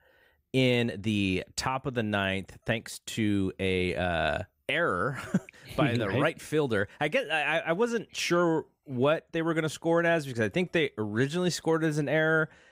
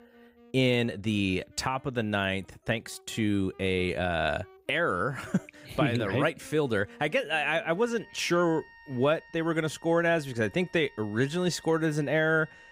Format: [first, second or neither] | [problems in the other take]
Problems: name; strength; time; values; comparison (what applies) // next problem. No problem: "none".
first | background music; faint; throughout; 25 dB below the speech